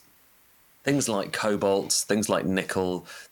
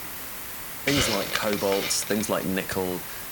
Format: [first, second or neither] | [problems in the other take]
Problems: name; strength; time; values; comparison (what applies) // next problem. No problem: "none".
first | hiss; loud; throughout; 2 dB below the speech; faint in the first